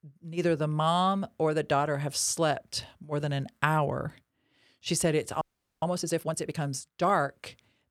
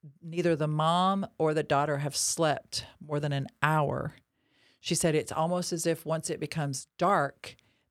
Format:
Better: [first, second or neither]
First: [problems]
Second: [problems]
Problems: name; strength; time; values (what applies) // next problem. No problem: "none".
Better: second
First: audio freezing; at 5.5 s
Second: none